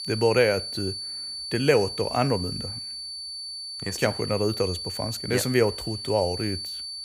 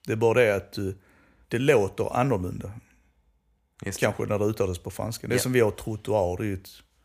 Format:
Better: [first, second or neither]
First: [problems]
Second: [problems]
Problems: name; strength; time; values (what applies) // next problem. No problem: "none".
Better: second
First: high-pitched whine; loud; throughout; 4.5 kHz, 6 dB below the speech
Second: none